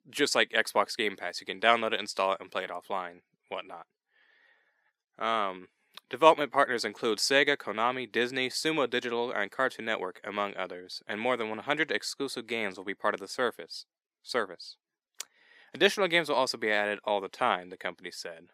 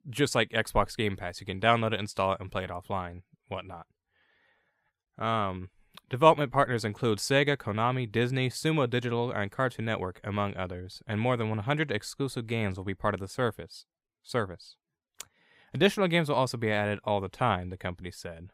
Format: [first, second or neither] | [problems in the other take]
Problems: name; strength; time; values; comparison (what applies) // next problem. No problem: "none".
second | thin; somewhat; fading below 300 Hz